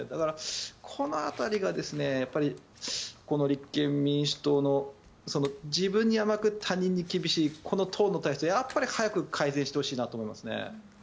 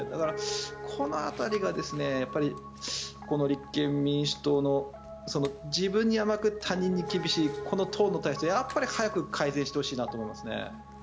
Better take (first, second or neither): first